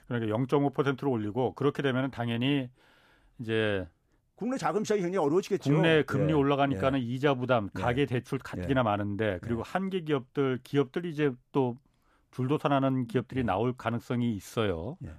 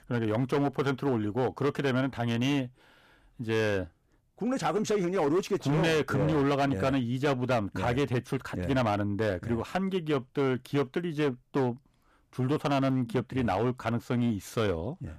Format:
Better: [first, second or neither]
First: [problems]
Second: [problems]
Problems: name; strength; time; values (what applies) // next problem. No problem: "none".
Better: first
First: none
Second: distortion; slight; 10% of the sound clipped